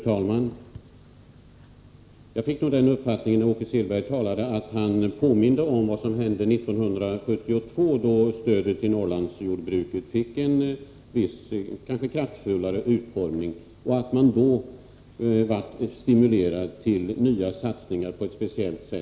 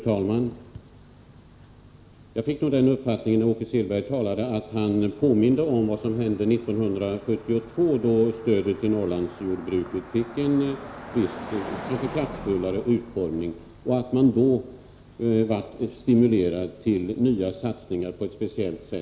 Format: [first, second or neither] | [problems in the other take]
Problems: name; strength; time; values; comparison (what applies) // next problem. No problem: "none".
first | background sound (Car passing by); 20 dB below the speech